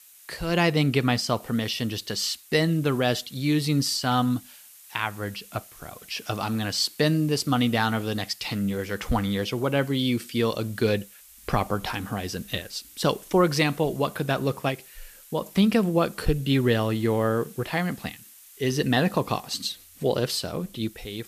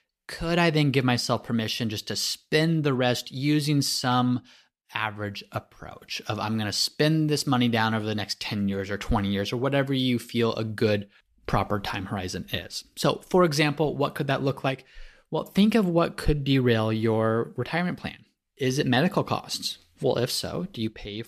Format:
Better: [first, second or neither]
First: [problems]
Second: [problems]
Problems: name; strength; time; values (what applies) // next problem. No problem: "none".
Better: second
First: hiss; faint; throughout; 20 dB below the speech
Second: none